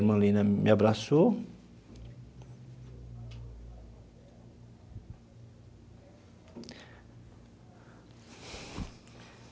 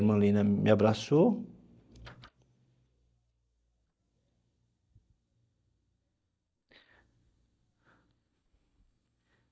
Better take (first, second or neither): first